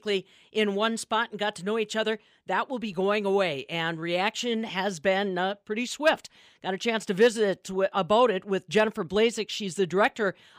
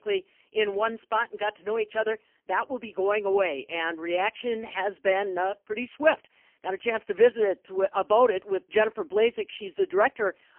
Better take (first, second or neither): first